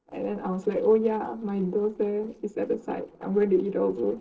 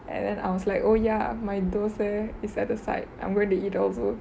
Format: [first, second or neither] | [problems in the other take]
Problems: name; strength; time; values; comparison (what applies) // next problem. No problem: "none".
second | noise reduction (neural separator model SepFormer DNS4)